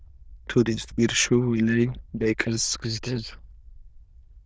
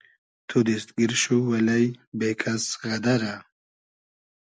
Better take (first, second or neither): second